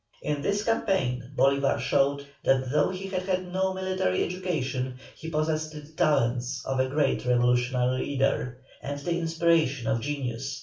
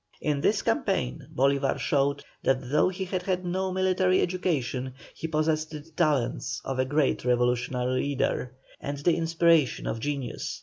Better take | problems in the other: second | background sound (Cowbell); 17 dB below the speech // room echo; dies away in 0.3 s

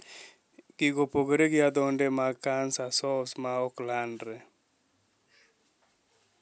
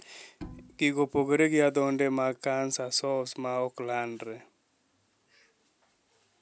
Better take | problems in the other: first | background sound (Bowed string instrument); 19 dB below the speech

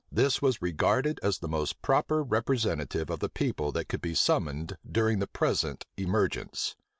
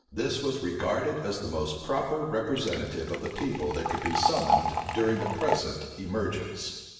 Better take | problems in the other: first | background sound (Liquid); 1 dB below the speech // room echo; dies away in 1.3 s

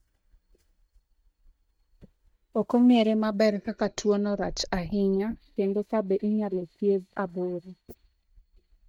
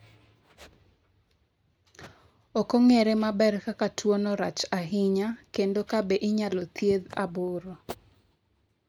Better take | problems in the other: second | noise reduction (neural mask model DeepFilterNet 3)

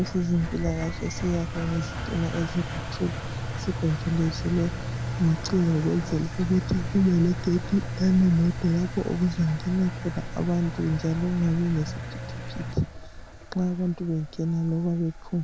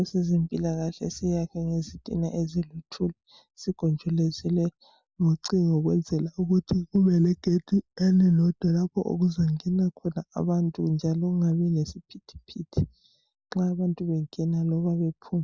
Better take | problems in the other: second | background sound (Engine); 7 dB below the speech

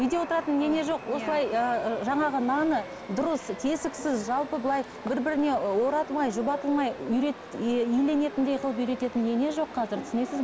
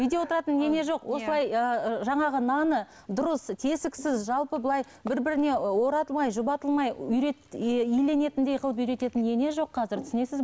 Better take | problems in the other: second | background sound (Chatter / Subway, metro, underground); 13 dB below the speech

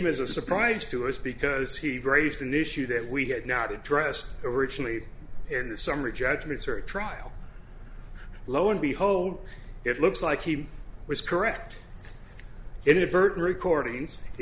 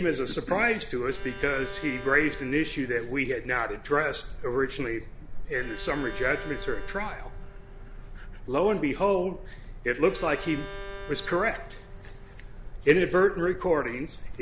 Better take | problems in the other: first | background sound (Bowed string instrument); 18 dB below the speech

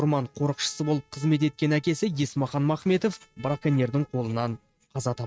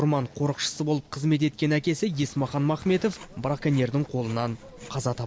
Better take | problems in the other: second | noise reduction (neural mask model RNNoise)

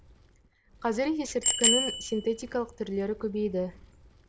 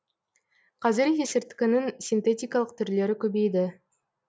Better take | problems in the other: second | background sound (Bicycle bell); 1 dB below the speech

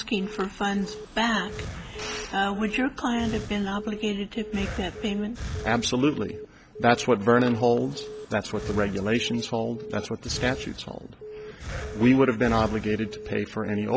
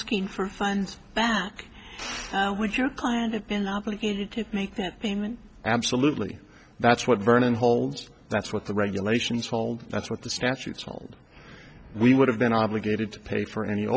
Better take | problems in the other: second | background sound (Telephone + Breathing); 12 dB below the speech

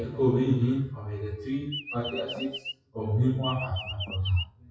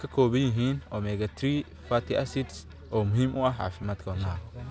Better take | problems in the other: second | noise reduction (classical method WPE with log-MMSE)

